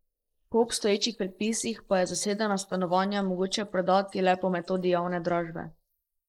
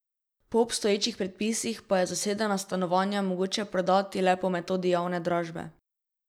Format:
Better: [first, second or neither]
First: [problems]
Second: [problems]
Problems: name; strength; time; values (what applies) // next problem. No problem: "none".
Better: second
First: noise reduction (neural mask model Resemble Enhance denoiser)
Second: none